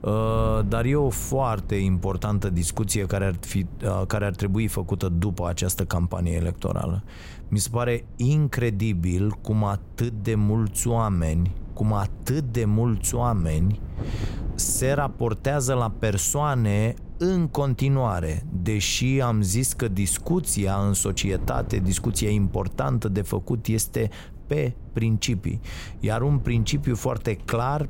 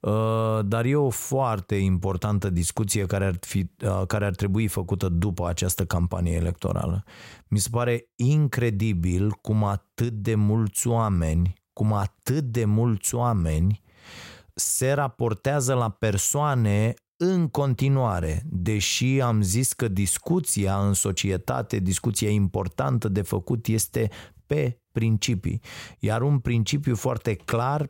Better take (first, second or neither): second